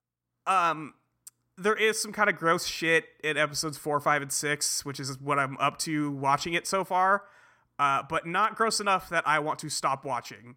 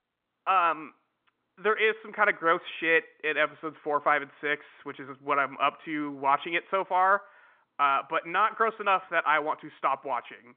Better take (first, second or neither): first